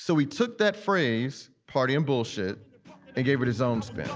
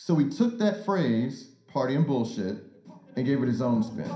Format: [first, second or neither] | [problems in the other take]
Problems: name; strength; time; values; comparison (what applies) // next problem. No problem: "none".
first | room echo; dies away in 0.5 s